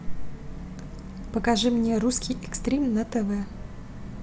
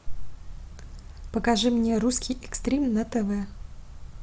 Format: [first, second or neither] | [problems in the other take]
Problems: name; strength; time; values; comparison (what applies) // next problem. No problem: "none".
second | background sound (Musical instrument); 14 dB below the speech